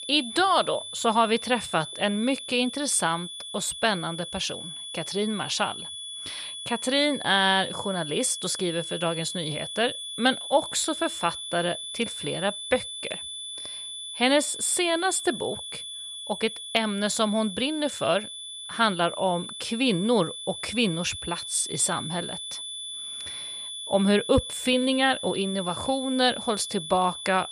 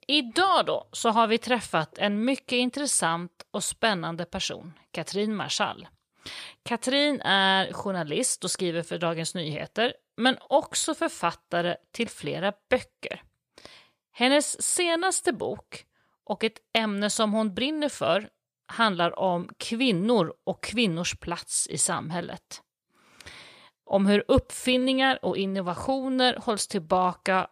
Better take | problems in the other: second | high-pitched whine; loud; throughout; 3.5 kHz, 8 dB below the speech

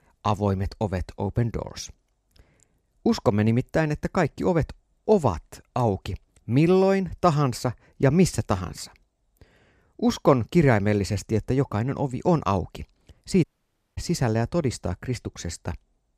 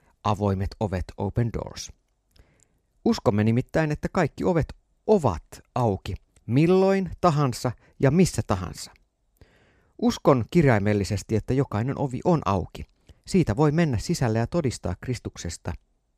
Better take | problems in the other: second | audio cutting out; at 13 s for 0.5 s

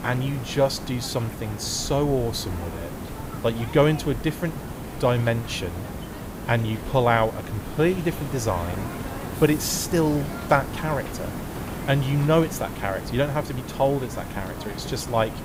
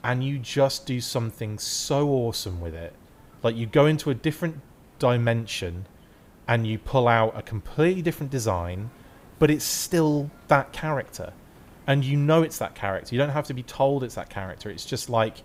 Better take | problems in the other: second | hiss; loud; throughout; 9 dB below the speech; faint in the second

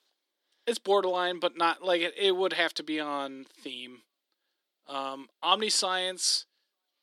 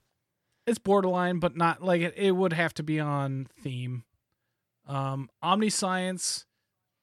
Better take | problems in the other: second | thin; somewhat; fading below 300 Hz

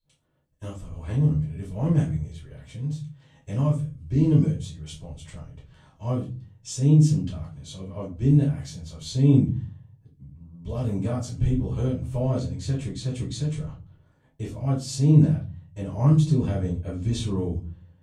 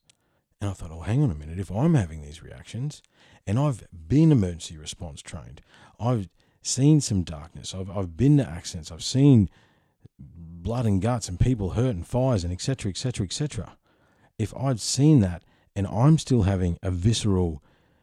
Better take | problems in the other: second | off-mic speech; far // room echo; slight; dies away in 0.5 s

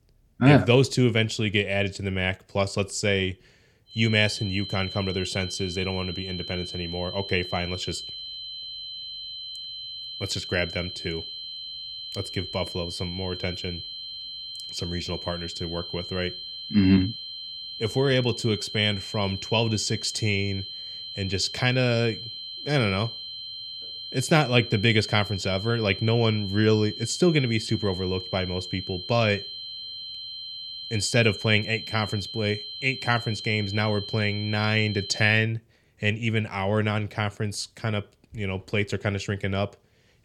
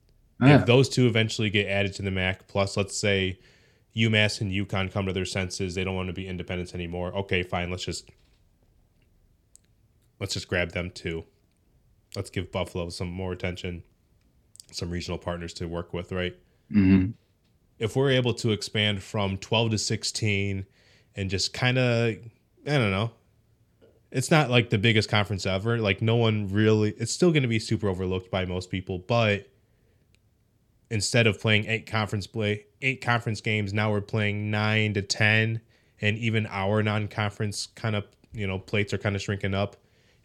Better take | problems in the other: second | high-pitched whine; loud; from 4 to 35 s; 4 kHz, 9 dB below the speech

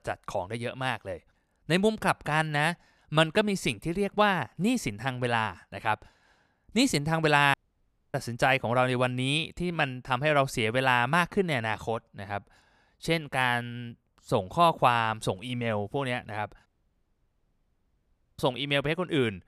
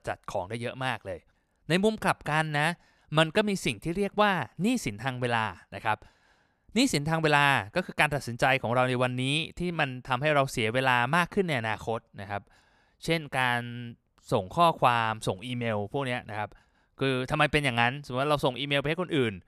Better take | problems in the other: second | audio cutting out; at 7.5 s for 0.5 s and at 17 s for 1.5 s

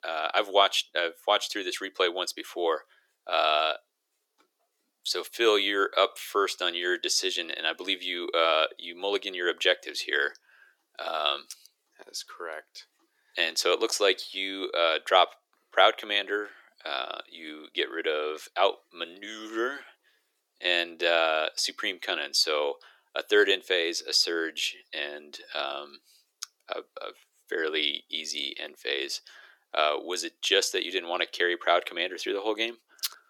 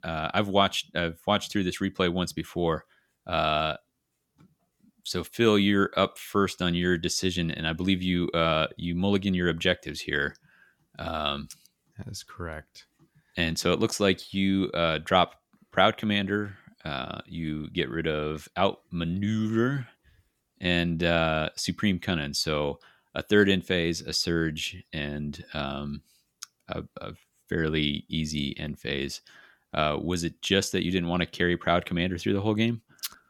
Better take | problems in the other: second | thin; very; fading below 350 Hz

